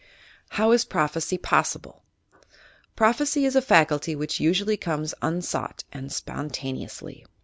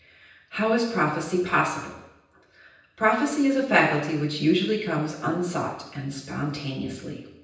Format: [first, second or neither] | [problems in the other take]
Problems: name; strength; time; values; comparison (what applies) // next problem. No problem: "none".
first | room echo; dies away in 0.9 s